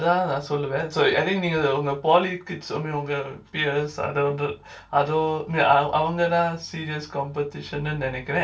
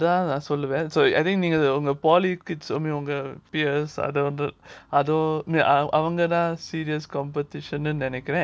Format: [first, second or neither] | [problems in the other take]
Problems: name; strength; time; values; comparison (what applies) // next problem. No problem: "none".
second | room echo; dies away in 0.2 s